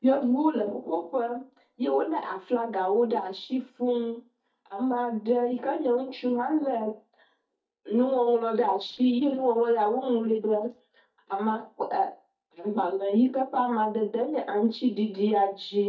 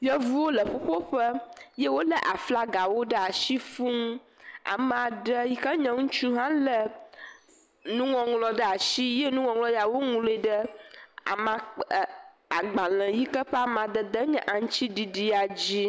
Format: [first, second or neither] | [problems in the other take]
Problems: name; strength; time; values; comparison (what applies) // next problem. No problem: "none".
second | noise reduction (neural mask model DeepFilterNet 3)